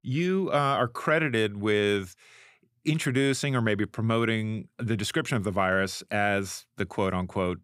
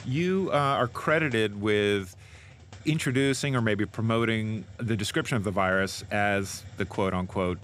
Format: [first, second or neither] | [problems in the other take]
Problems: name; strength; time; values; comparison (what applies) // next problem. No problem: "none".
first | hiss; faint; throughout; 20 dB below the speech